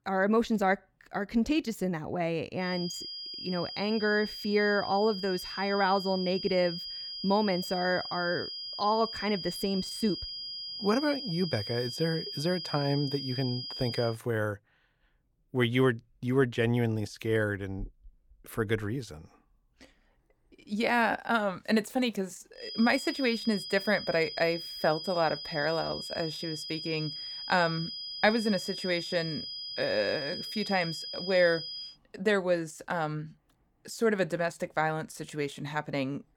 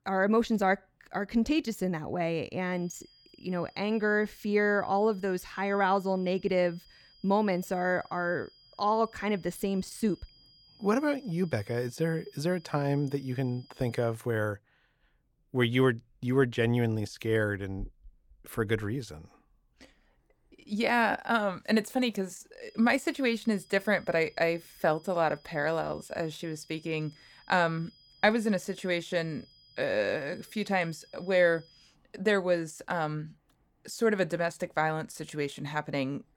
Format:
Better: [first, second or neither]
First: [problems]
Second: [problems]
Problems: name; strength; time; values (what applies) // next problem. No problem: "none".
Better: second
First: high-pitched whine; loud; from 2.5 to 14 s and from 23 to 32 s; 5 kHz, 7 dB below the speech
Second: high-pitched whine; faint; from 2.5 to 14 s and from 23 to 32 s; 5 kHz, 30 dB below the speech